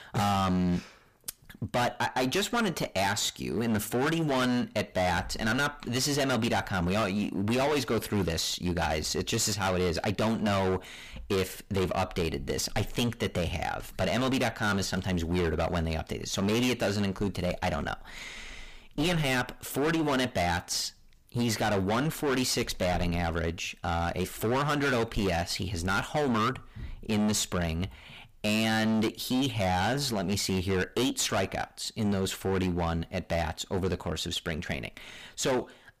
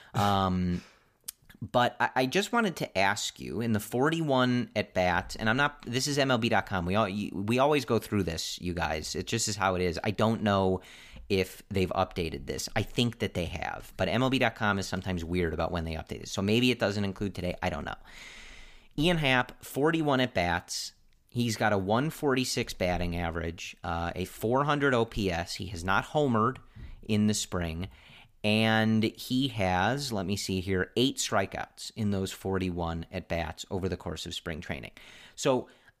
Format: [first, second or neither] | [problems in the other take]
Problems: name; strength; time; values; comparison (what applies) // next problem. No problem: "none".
second | distortion; heavy; 21% of the sound clipped